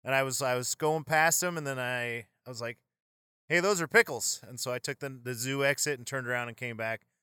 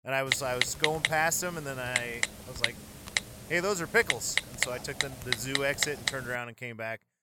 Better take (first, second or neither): first